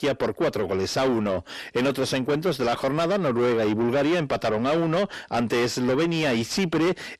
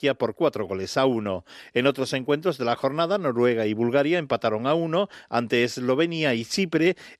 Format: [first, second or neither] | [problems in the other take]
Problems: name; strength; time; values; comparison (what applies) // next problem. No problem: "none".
second | distortion; heavy; 6 dB below the speech